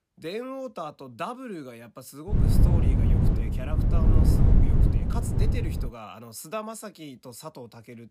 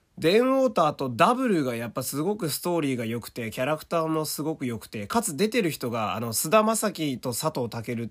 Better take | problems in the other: second | wind noise on the microphone; heavy; from 2.5 to 6 s; 2 dB above the speech

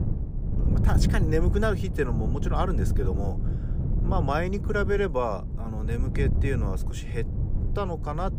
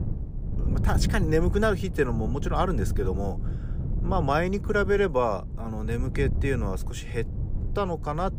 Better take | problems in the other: second | wind noise on the microphone; heavy; 10 dB below the speech; occasional gusts in the second

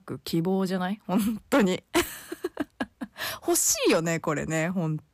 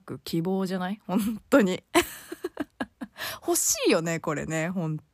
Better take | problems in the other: second | distortion; slight; 3% of the sound clipped

